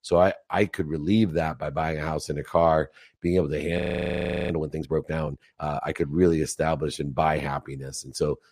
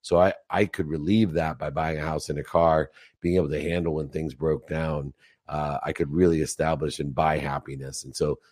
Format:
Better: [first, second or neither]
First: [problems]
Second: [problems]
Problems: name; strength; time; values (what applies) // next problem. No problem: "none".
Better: second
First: audio freezing; at 4 s for 0.5 s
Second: none